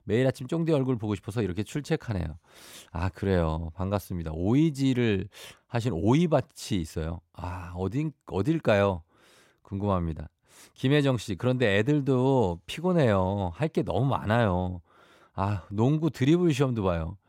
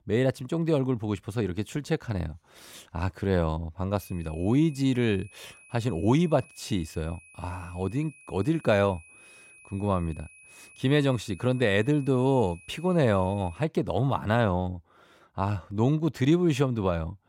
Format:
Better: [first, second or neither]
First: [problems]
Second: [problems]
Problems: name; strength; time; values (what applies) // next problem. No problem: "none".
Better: first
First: none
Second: high-pitched whine; faint; from 4 to 14 s; 2.5 kHz, 25 dB below the speech